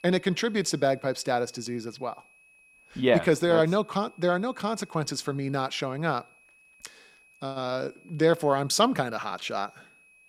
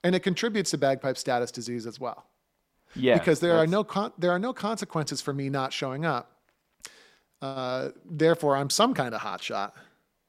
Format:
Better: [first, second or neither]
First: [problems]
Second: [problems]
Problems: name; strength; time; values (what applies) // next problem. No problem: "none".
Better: second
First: high-pitched whine; faint; throughout; 2.5 kHz, 30 dB below the speech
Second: none